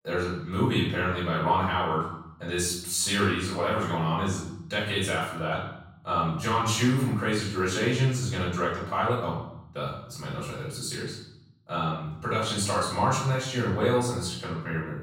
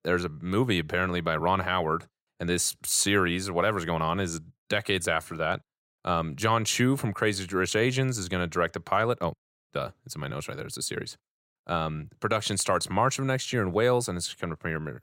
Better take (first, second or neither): second